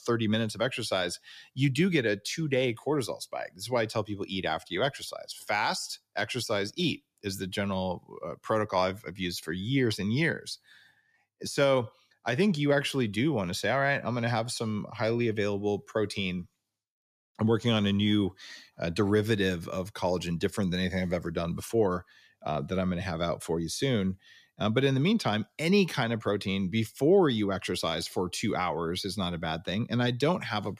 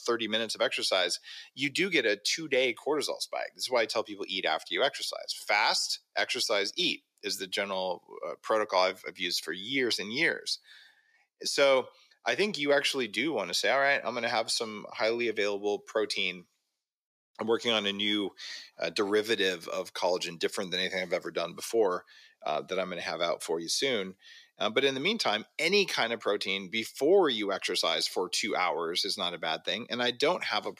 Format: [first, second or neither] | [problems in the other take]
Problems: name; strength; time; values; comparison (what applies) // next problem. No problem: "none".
first | thin; somewhat; fading below 450 Hz